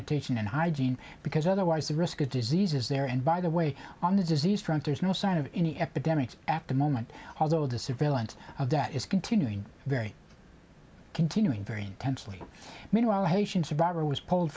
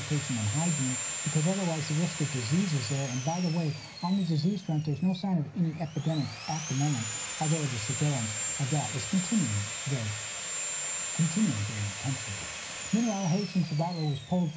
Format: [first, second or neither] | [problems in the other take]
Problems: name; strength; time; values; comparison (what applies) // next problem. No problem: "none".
first | background sound (Sawing); 6 dB below the speech // room echo; dies away in 0.4 s